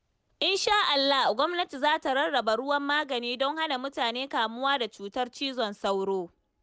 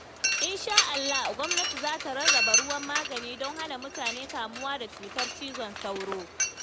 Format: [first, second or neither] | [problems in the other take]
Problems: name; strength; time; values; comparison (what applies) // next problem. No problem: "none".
first | background sound (Mechanisms); 4 dB above the speech